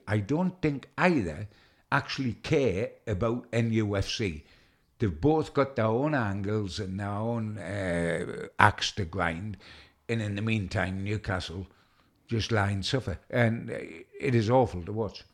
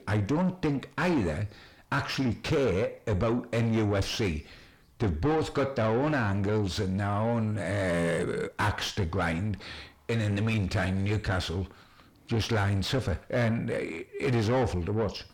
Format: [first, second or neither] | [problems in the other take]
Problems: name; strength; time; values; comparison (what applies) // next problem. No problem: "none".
first | distortion; heavy; 6 dB below the speech